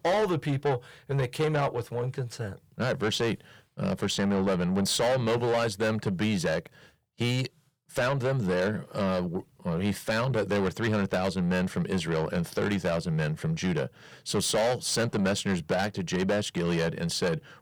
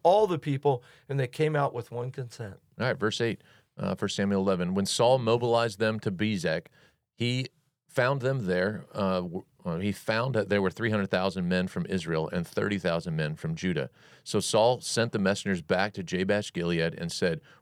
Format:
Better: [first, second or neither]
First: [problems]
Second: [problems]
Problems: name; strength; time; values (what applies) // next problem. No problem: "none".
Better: second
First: distortion; heavy; 8 dB below the speech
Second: none